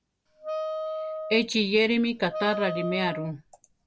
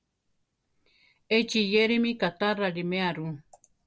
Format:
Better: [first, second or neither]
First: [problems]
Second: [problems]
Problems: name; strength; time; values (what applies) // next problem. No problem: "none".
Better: second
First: background sound (Wind instrument, woodwind instrument); 6 dB below the speech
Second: none